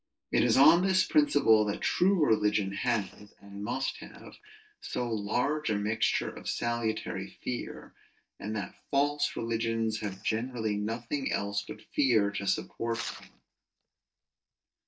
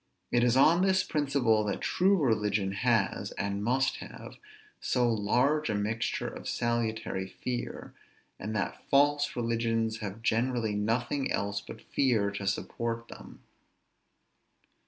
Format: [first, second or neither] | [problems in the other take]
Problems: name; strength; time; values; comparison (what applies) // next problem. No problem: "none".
second | noise reduction (neural mask model DeepFilterNet 3)